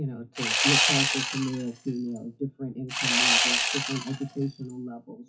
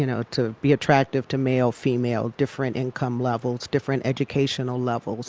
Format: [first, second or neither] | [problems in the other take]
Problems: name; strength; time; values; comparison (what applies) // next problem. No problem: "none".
second | noise reduction (classical method WPE with log-MMSE)